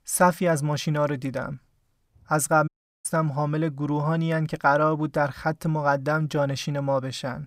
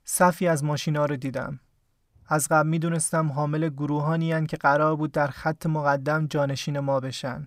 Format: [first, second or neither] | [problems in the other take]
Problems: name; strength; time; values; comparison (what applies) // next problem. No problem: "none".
second | audio cutting out; at 2.5 s